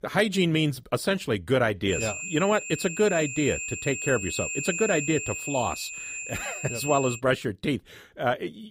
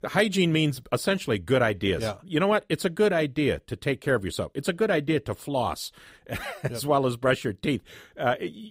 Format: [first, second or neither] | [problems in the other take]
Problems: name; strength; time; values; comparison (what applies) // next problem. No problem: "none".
second | high-pitched whine; loud; from 2 to 7 s; 2.5 kHz, 5 dB below the speech